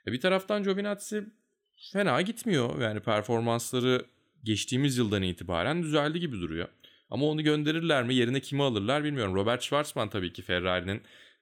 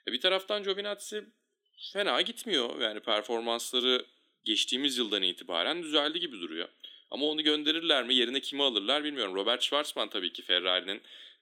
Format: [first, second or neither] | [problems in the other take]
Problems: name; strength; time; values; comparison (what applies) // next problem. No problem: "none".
first | thin; very slightly; fading below 250 Hz